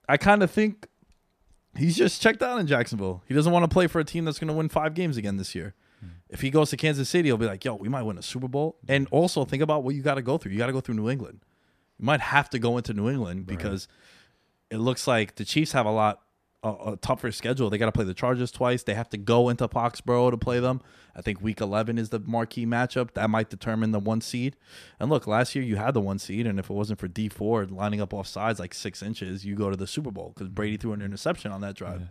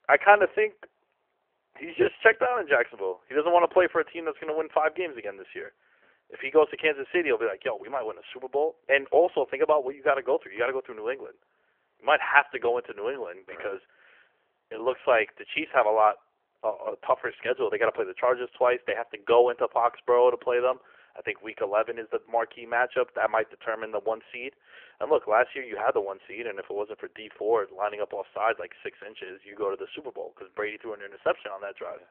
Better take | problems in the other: first | phone-call audio; nothing above 3 kHz

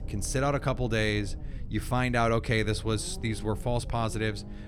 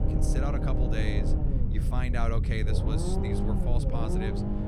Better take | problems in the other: first | low rumble; loud; throughout; as loud as the speech; faint in the first

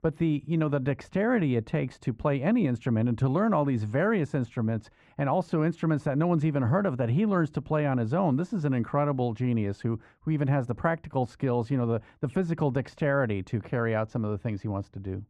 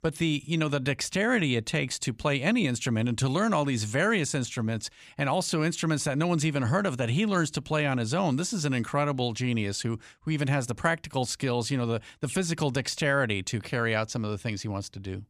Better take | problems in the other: second | muffled; very; fading above 2.5 kHz

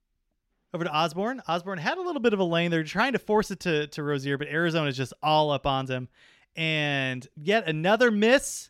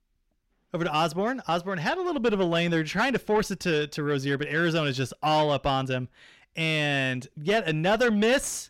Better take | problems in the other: first | distortion; slight; 10 dB below the speech

